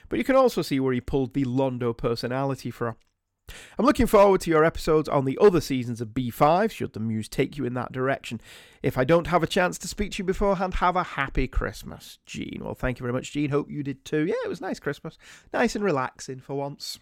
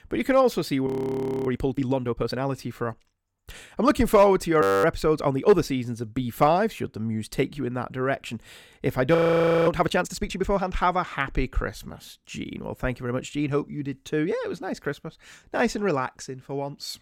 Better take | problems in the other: first | audio freezing; at 1 s for 0.5 s, at 4.5 s and at 9 s for 0.5 s

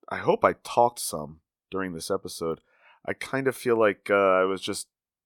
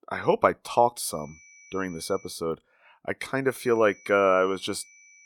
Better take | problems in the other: first | high-pitched whine; faint; from 1 to 2.5 s and from 3.5 s on; 2.5 kHz, 25 dB below the speech

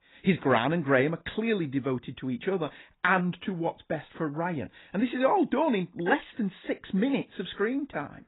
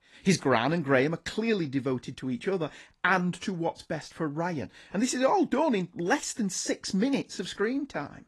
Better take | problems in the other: second | garbled, watery; badly; nothing above 4 kHz; slightly in the second

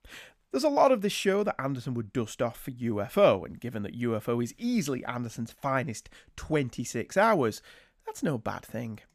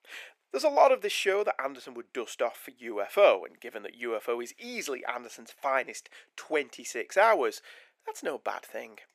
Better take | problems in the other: first | thin; very; fading below 400 Hz

